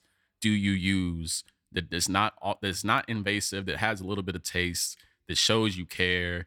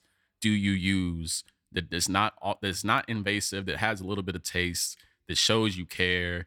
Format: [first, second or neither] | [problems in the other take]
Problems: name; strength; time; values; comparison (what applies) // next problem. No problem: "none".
neither | none